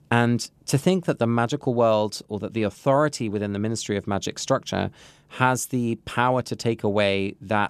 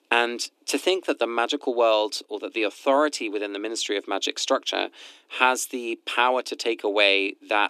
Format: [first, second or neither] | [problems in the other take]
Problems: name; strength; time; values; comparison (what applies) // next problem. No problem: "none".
first | thin; somewhat; fading below 250 Hz